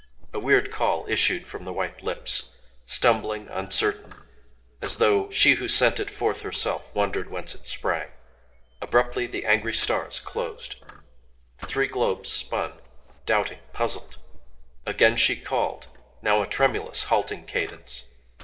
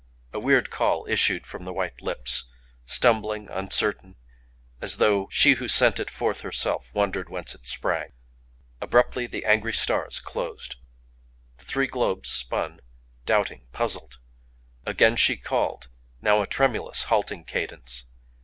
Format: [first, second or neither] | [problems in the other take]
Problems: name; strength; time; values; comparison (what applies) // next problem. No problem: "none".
second | noise reduction (neural separator model SepFormer DNS4)